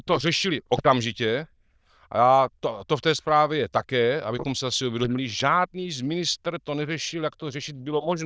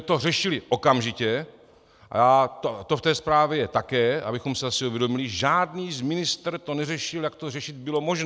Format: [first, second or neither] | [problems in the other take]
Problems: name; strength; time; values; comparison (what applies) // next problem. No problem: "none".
second | noise reduction (neural diffusion model UNIVERSE++)